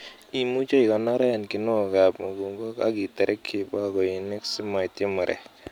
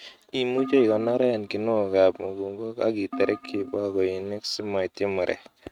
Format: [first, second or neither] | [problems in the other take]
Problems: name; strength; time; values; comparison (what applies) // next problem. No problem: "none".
first | noise reduction (neural mask model RNNoise)